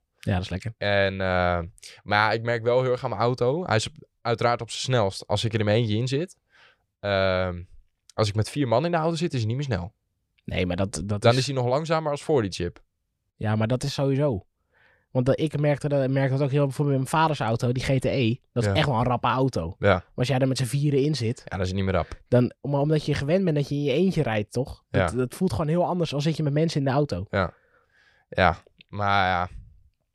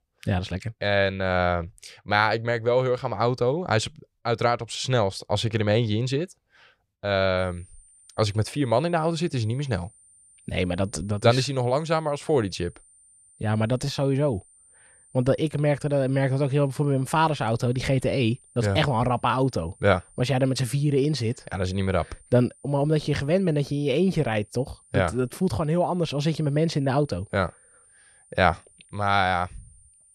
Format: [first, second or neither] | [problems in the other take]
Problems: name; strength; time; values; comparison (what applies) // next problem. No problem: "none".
first | high-pitched whine; faint; from 7.5 s on; 9 kHz, 30 dB below the speech